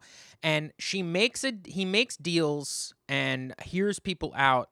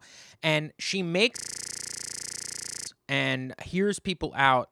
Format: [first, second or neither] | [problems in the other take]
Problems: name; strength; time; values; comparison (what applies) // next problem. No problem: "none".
first | audio freezing; at 1.5 s for 1.5 s